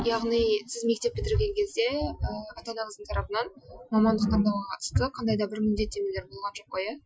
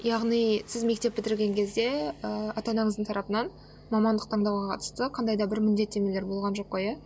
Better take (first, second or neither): second